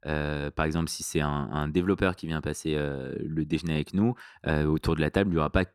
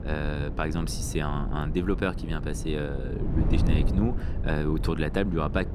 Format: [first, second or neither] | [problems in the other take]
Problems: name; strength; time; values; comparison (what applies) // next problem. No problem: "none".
first | wind noise on the microphone; heavy; 9 dB below the speech